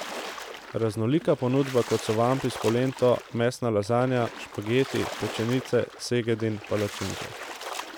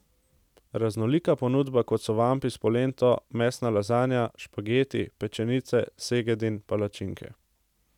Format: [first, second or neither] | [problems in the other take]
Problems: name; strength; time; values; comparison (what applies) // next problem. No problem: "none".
second | background sound (Splash, splatter); 12 dB below the speech